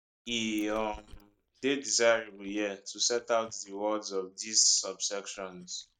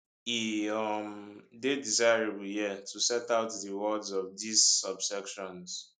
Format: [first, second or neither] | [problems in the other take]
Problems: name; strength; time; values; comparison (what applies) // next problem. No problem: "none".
second | noise reduction (neural mask model DeepFilterNet 3)